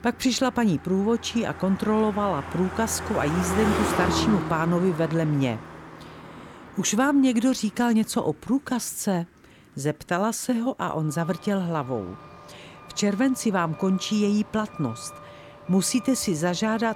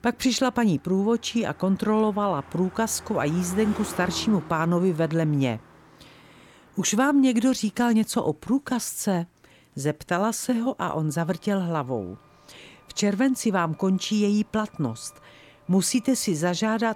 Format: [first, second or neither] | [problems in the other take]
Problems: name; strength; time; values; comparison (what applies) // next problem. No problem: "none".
second | traffic noise; loud; throughout; 9 dB below the speech; faint in the second